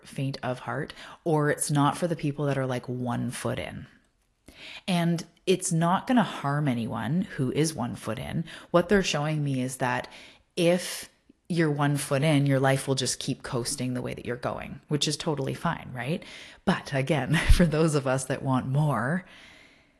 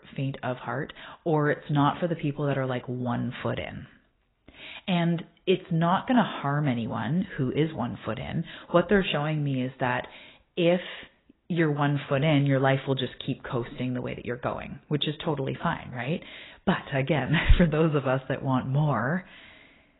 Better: first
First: garbled, watery; slightly; nothing above 11.5 kHz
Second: garbled, watery; badly; nothing above 4 kHz

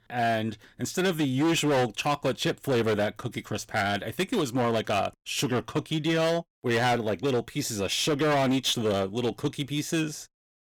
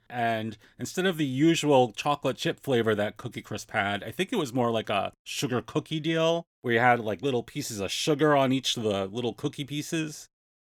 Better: second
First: distortion; heavy; 13% of the sound clipped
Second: none

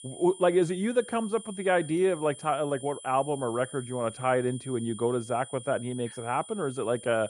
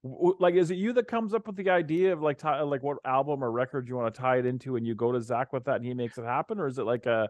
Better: second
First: high-pitched whine; noticeable; throughout; 9.5 kHz, 15 dB below the speech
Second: none

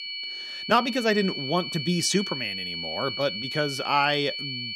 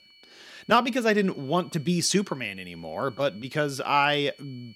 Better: second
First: high-pitched whine; loud; throughout; 4.5 kHz, 5 dB below the speech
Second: high-pitched whine; faint; throughout; 4.5 kHz, 25 dB below the speech

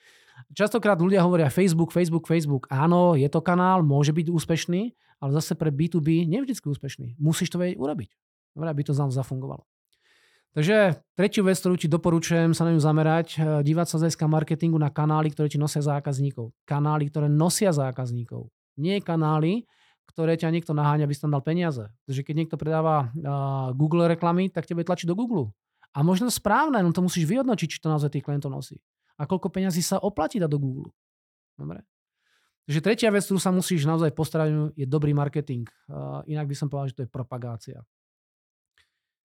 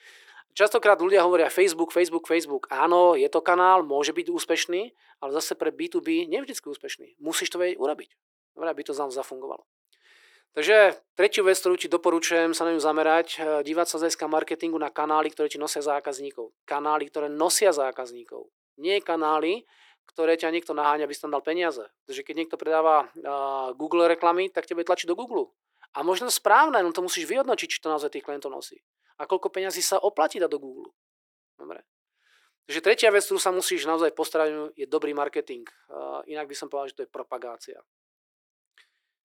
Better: first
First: none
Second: thin; very; fading below 350 Hz

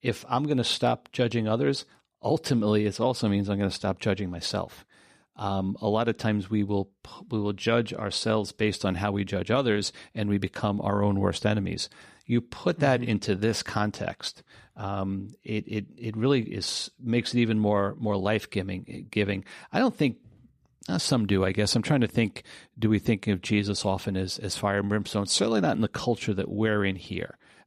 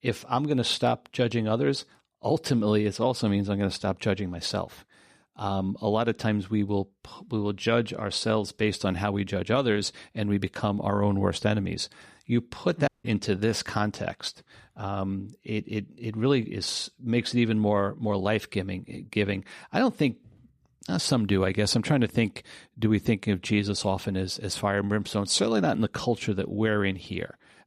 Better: first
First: none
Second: audio cutting out; at 13 s

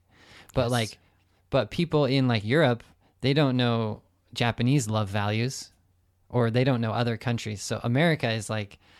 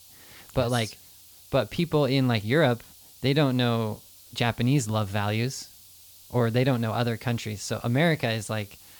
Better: first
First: none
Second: hiss; faint; throughout; 20 dB below the speech

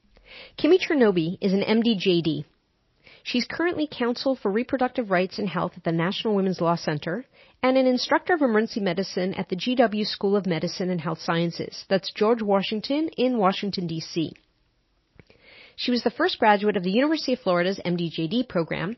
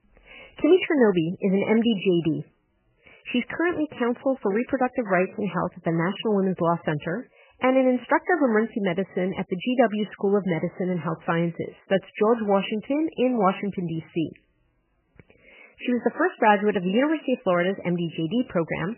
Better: first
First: garbled, watery; slightly; nothing above 5.5 kHz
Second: garbled, watery; badly; nothing above 3 kHz

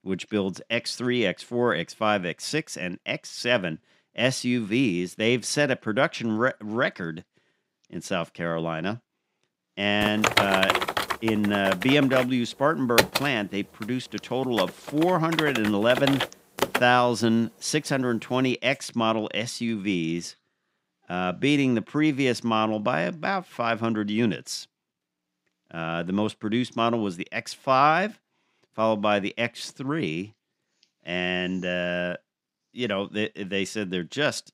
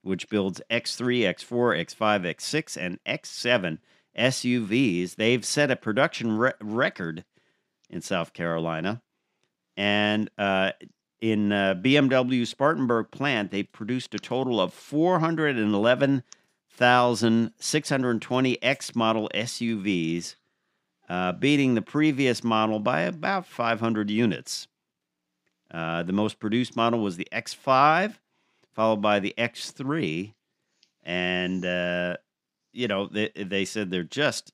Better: second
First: keyboard typing; loud; from 10 to 17 s; peak 4 dB above the speech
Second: none

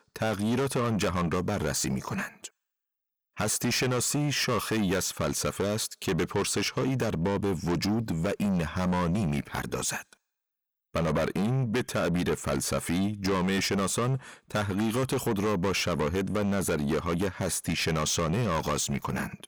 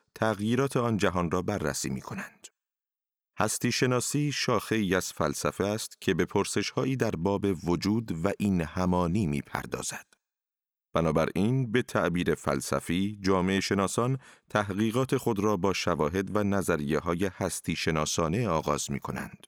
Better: second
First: distortion; heavy; 6 dB below the speech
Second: none

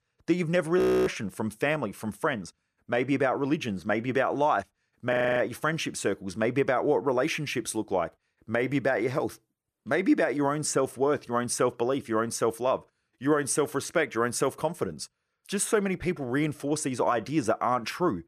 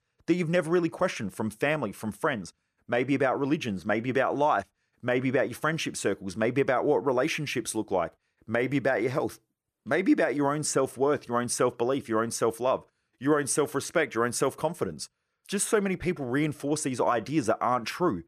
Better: second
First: audio freezing; at 1 s and at 5 s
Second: none

